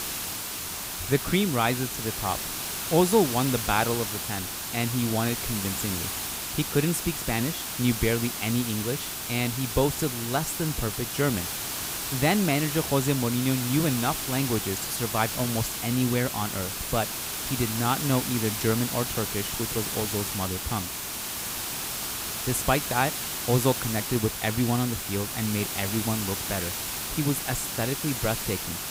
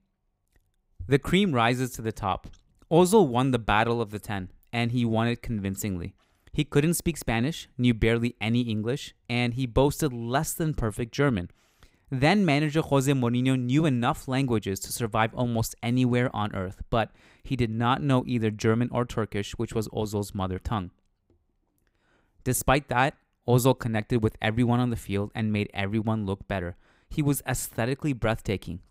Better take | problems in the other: second | hiss; loud; throughout; 2 dB below the speech

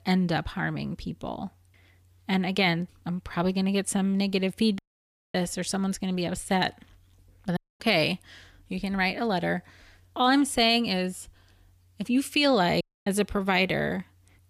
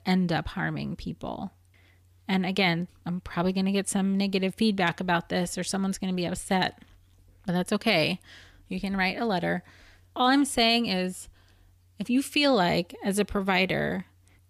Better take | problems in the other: second | audio cutting out; at 5 s for 0.5 s, at 7.5 s and at 13 s

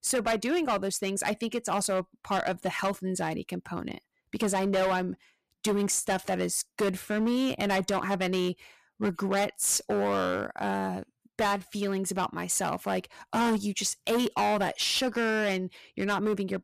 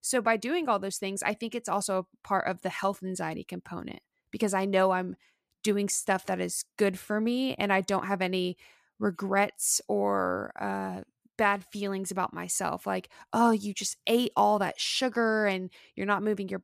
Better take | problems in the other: second | distortion; heavy; 11% of the sound clipped

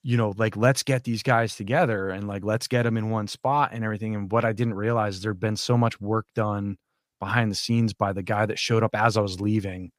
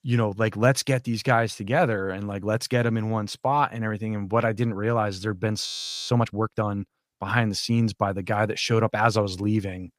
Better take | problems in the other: first | audio freezing; at 5.5 s

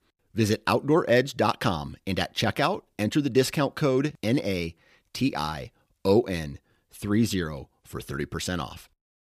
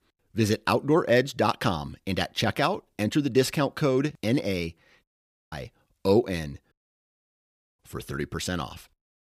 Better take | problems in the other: first | audio cutting out; at 5 s and at 6.5 s for 1 s

